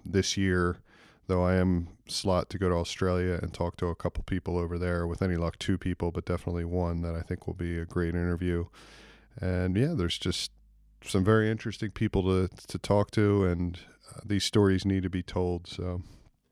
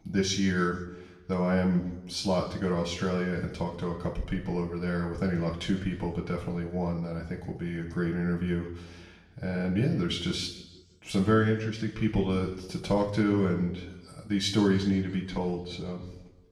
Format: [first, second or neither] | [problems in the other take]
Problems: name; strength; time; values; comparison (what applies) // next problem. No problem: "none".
first | room echo; noticeable; dies away in 0.9 s // off-mic speech; far